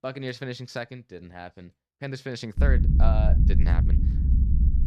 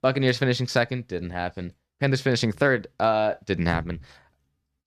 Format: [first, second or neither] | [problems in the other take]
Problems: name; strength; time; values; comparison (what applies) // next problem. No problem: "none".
second | low rumble; loud; from 2.5 s on; 4 dB below the speech